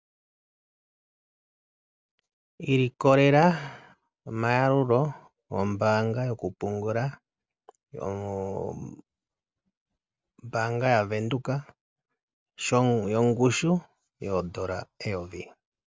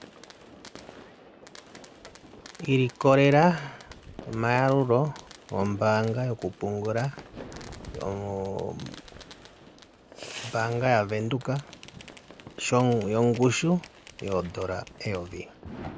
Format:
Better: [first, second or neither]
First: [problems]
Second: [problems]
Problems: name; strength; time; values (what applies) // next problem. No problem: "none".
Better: first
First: none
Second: background sound (Fireworks); 18 dB below the speech